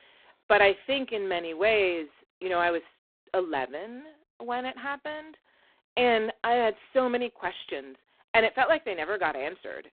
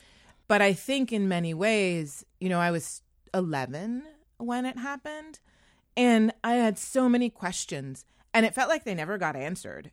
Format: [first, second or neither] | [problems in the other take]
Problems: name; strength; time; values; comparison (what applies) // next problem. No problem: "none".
second | phone-call audio; poor line